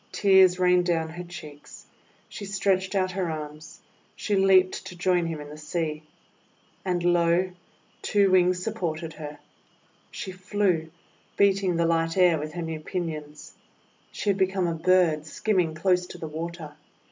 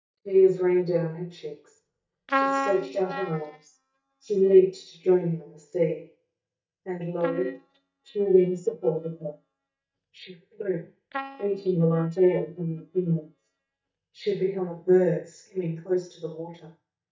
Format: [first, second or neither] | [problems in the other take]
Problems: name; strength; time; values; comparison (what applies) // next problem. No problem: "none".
first | noise reduction (neural mask model DeepFilterNet 3)